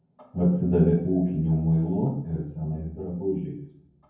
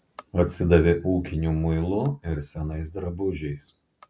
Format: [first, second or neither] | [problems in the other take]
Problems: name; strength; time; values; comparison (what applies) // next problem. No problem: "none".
second | room echo; dies away in 0.9 s